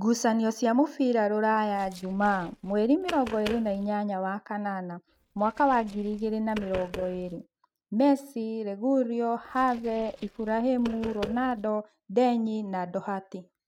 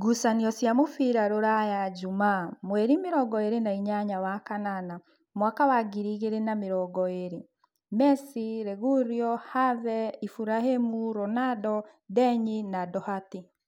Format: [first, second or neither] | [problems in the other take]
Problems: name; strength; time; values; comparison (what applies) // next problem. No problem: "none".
second | noise reduction (neural mask model RNNoise)